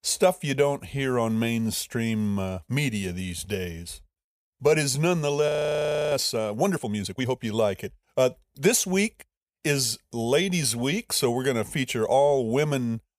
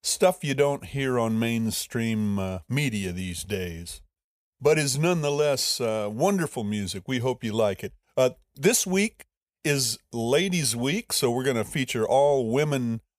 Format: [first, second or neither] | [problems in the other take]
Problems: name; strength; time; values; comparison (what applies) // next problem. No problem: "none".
second | audio freezing; at 5.5 s for 0.5 s